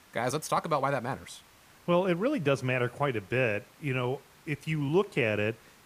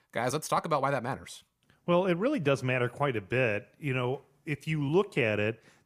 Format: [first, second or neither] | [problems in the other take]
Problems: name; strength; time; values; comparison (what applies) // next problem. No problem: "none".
second | hiss; faint; throughout; 25 dB below the speech